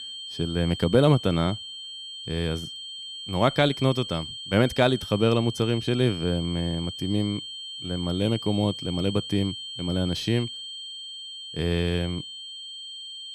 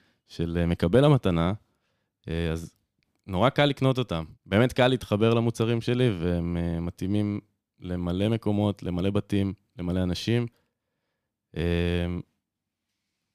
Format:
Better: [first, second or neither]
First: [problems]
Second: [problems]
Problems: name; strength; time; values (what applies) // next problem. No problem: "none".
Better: second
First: high-pitched whine; loud; throughout; 3 kHz, 9 dB below the speech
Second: none